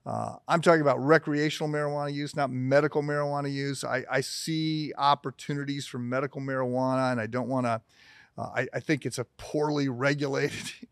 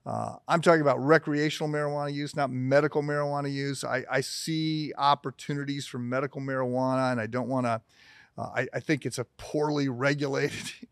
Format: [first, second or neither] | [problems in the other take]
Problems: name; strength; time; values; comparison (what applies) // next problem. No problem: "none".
neither | none